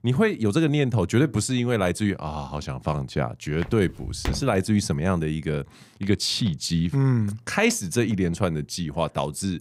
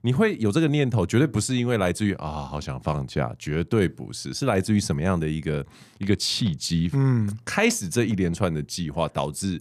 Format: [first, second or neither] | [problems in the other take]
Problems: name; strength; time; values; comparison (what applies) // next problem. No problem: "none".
second | footsteps; noticeable; at 3.5 s; peak 6 dB below the speech